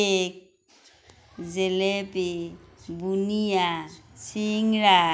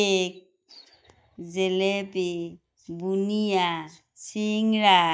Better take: first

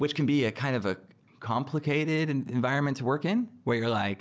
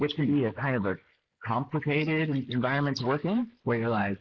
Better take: first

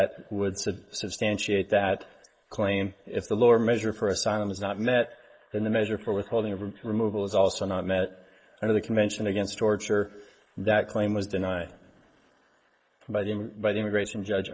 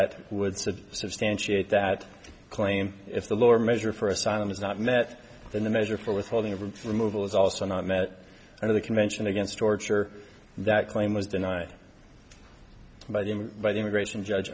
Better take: second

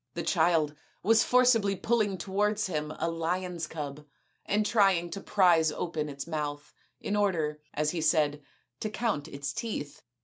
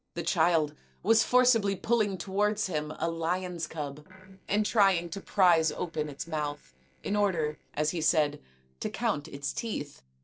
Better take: first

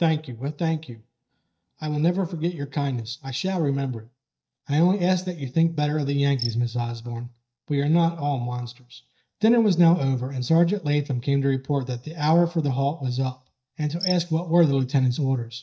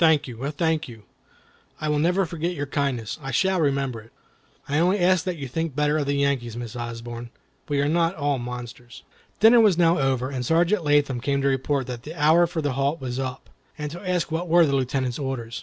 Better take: second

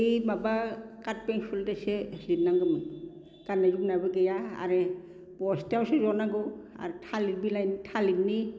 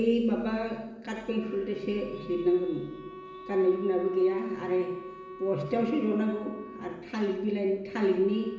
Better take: first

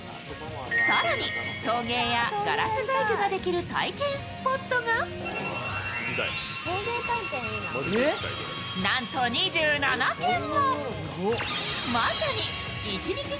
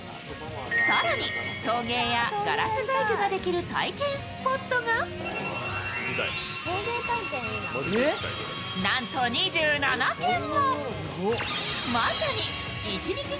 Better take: first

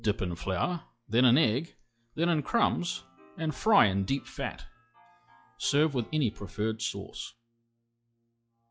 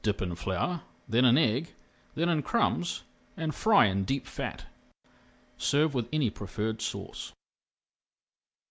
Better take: second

